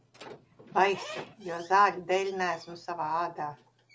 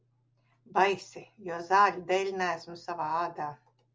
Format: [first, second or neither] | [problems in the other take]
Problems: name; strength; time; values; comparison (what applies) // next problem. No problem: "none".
second | background sound (Squeak / Slam); 19 dB below the speech